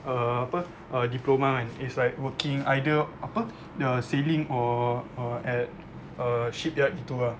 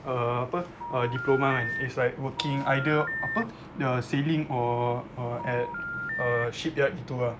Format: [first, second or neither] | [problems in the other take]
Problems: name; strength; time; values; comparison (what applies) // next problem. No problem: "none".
first | background sound (Telephone); 6 dB below the speech